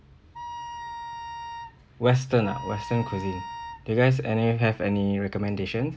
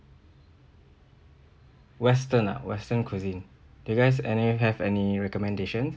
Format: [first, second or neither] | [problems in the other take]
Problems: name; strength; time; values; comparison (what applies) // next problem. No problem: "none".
second | background sound (Wind instrument, woodwind instrument); 11 dB below the speech